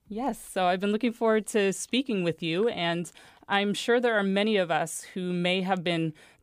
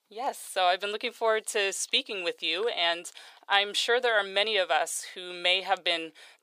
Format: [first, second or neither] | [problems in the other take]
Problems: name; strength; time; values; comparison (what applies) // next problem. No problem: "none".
first | thin; very; fading below 500 Hz